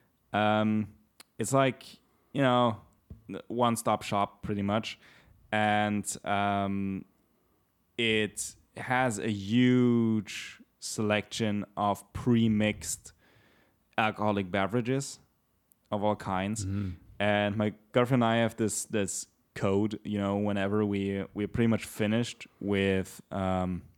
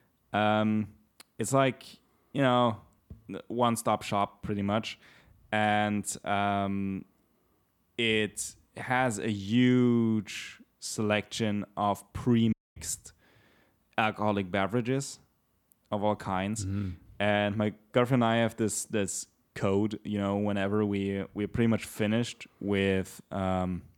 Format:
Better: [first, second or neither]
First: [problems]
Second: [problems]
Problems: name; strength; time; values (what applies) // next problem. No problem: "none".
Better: first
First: none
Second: audio cutting out; at 13 s